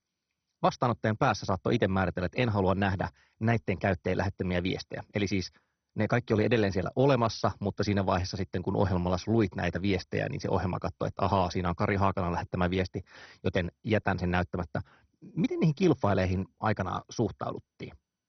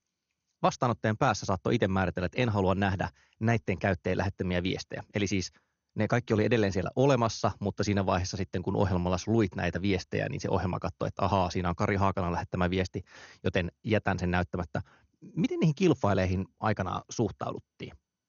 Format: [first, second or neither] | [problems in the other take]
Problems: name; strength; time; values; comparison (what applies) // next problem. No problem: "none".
second | garbled, watery; badly; nothing above 6 kHz; slightly in the second